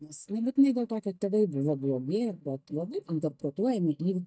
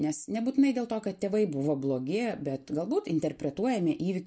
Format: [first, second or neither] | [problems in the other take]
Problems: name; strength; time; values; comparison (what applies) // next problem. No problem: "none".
second | noise reduction (neural mask model DeepFilterNet 3)